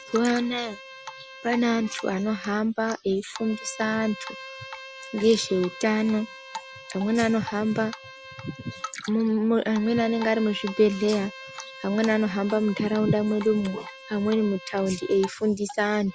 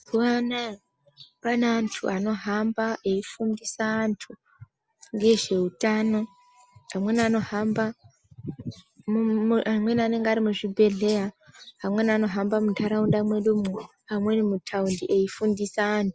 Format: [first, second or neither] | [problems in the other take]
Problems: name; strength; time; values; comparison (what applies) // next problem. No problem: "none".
second | background sound (Bowed string instrument + Drip); 15 dB below the speech